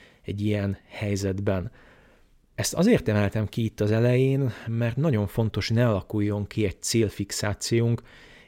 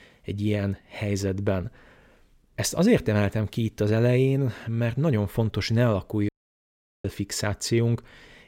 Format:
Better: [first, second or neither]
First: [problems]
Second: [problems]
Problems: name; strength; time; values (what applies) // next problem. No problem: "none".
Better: first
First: none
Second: audio cutting out; at 6.5 s for 1 s